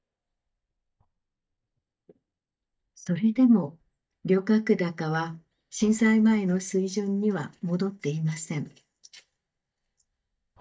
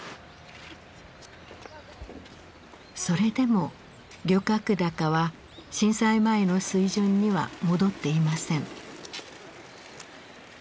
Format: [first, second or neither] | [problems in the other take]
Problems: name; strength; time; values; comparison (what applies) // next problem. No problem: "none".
second | noise reduction (neural mask model DeepFilterNet 3)